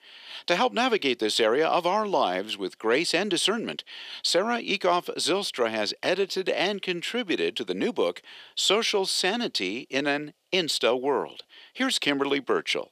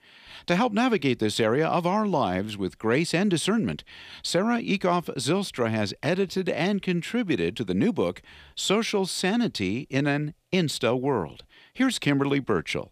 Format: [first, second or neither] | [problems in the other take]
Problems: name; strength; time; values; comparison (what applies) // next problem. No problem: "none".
second | thin; somewhat; fading below 400 Hz